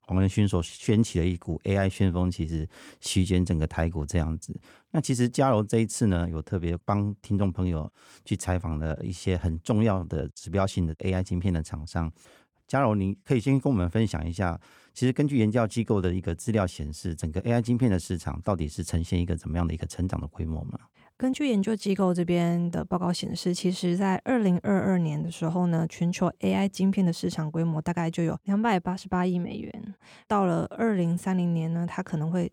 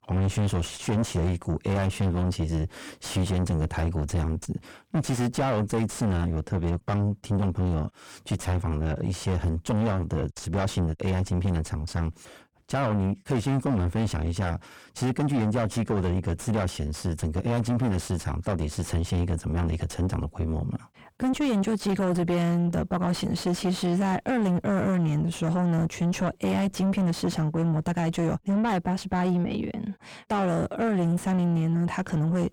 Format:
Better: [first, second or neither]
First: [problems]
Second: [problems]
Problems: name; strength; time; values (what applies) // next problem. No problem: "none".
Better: first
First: none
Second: distortion; heavy; 6 dB below the speech